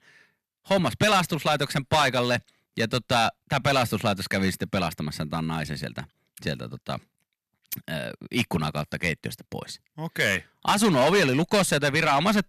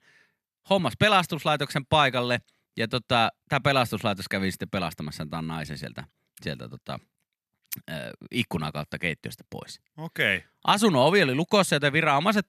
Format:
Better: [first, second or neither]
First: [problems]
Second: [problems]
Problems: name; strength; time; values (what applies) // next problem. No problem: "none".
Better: second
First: distortion; heavy; 5% of the sound clipped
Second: none